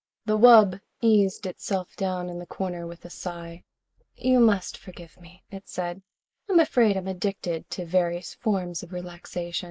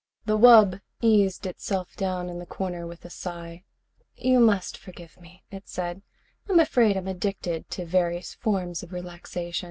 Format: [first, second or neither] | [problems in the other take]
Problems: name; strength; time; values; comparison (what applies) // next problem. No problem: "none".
second | noise reduction (neural mask model Resemble Enhance denoiser)